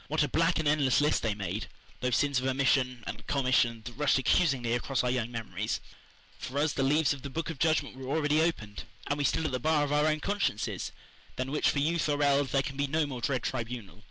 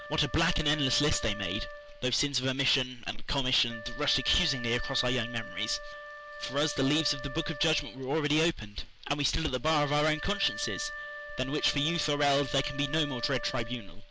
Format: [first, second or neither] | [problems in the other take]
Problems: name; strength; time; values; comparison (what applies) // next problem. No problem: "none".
first | background sound (Wind instrument, woodwind instrument); 13 dB below the speech